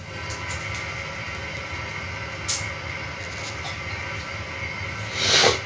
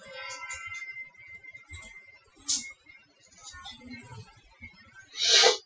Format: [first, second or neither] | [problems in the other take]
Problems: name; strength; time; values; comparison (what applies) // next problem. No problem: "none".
first | noise reduction (classical method Wiener filter)